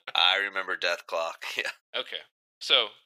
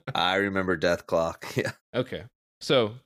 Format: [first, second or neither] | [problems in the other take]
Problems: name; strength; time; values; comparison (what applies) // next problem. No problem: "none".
second | thin; very; fading below 800 Hz